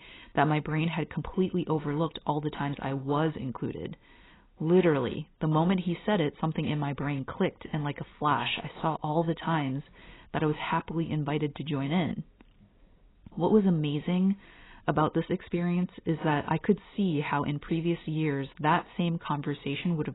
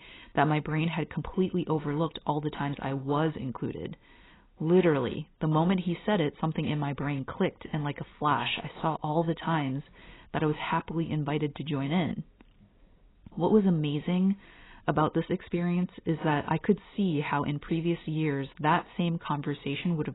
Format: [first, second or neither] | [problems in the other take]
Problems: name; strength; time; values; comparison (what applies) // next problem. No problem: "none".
neither | garbled, watery; badly; nothing above 4 kHz; the same in both